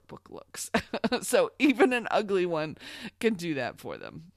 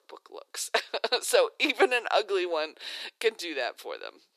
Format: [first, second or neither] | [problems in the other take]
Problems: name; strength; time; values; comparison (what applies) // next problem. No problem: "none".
first | thin; very; fading below 350 Hz